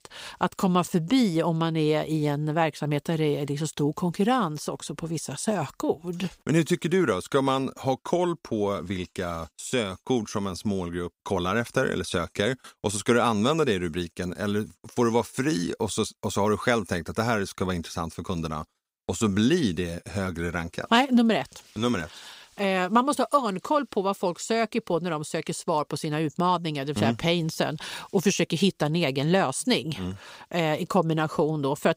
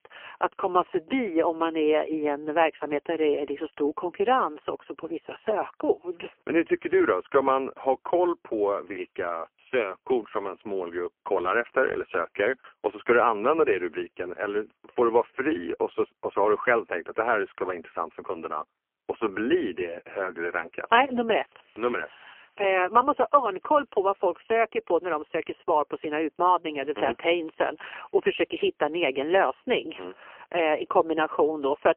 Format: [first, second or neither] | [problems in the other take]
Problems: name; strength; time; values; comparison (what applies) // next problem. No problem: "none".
first | phone-call audio; poor line; nothing above 3 kHz